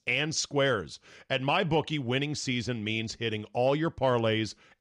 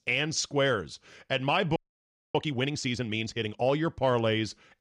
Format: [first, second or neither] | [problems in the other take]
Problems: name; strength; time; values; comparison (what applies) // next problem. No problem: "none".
first | audio freezing; at 2 s for 0.5 s